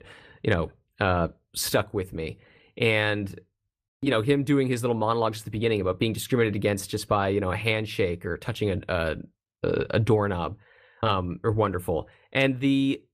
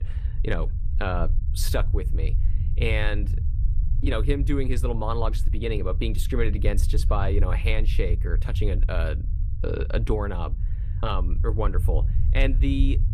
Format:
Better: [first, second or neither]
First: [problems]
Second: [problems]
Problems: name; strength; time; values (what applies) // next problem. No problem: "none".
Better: first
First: none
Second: low rumble; noticeable; throughout; 15 dB below the speech